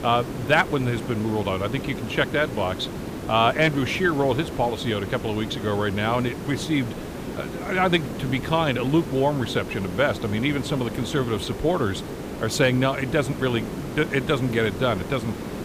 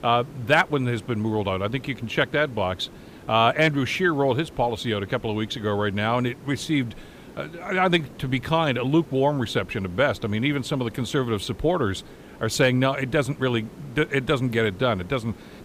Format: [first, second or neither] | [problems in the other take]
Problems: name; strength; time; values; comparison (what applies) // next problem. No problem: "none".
second | hiss; loud; throughout; 9 dB below the speech; faint in the second